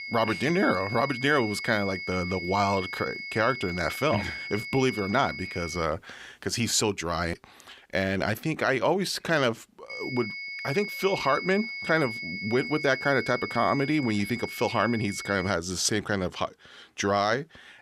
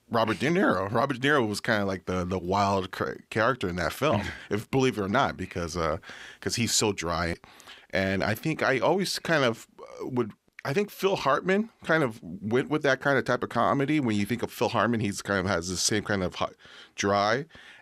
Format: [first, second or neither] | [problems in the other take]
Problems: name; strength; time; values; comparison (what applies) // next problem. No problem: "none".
second | high-pitched whine; loud; until 6 s and from 10 to 16 s; 2 kHz, 7 dB below the speech